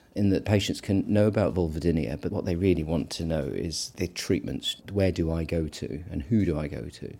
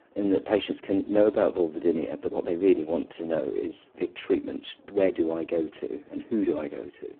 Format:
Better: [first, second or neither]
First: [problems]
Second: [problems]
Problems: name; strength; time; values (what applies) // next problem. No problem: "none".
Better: first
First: none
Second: phone-call audio; poor line